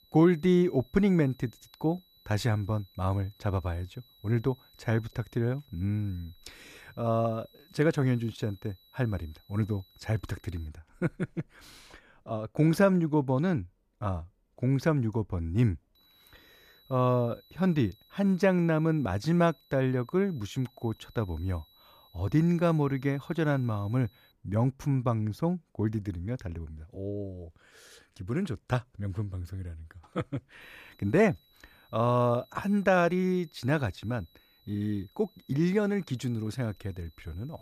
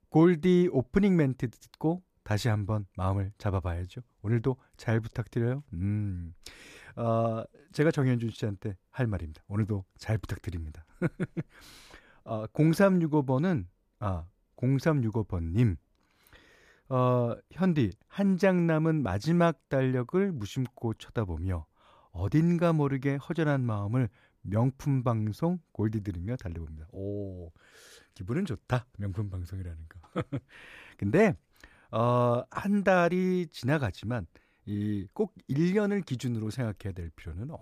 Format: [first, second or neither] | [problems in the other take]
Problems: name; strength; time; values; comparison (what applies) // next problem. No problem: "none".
second | high-pitched whine; faint; until 11 s, from 16 to 24 s and from 31 s on; 4 kHz, 30 dB below the speech